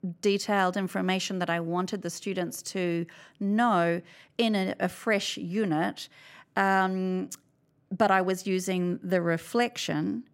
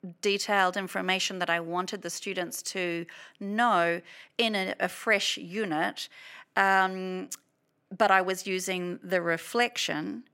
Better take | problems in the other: first | thin; somewhat; fading below 1 kHz

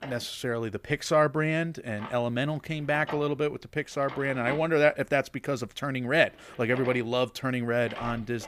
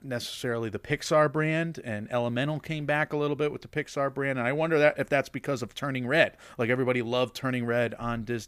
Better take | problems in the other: second | household noises; noticeable; throughout; 15 dB below the speech

